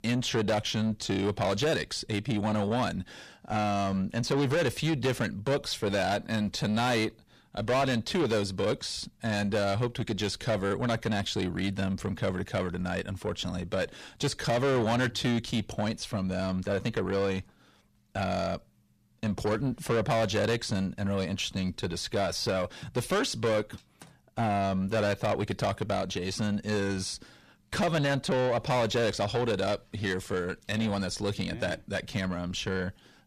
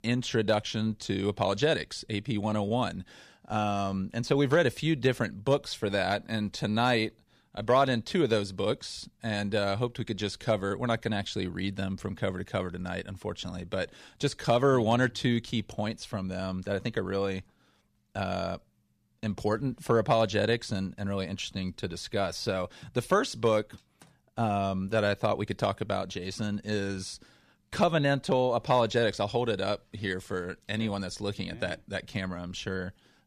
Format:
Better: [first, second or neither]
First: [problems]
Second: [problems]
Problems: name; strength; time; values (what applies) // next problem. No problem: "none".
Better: second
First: distortion; heavy; 8 dB below the speech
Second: none